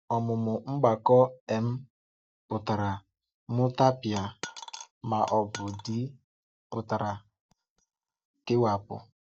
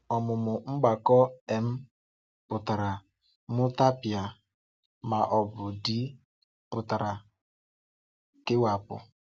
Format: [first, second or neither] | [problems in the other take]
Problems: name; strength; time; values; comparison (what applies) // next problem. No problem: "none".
second | noise reduction (neural mask model DeepFilterNet 3)